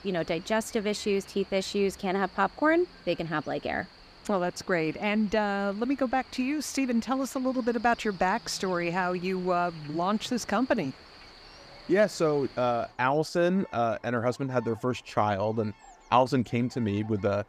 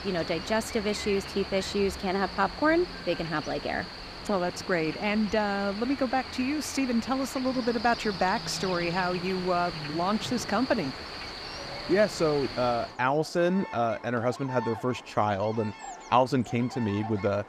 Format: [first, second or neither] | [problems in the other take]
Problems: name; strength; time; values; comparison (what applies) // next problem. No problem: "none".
first | animal sounds; loud; throughout; 10 dB below the speech; faint in the first